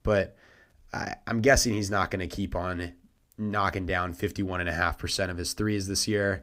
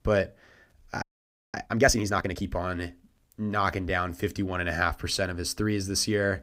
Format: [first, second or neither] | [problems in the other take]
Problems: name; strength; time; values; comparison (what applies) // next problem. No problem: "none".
first | audio freezing; at 1 s for 0.5 s